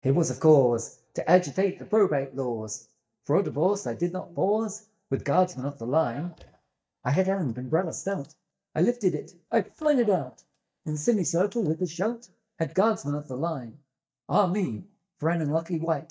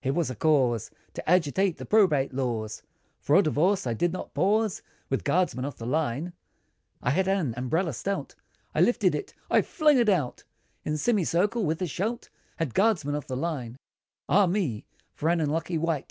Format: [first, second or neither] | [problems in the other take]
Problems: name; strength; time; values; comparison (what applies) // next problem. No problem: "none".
second | noise reduction (neural mask model DeepFilterNet 3)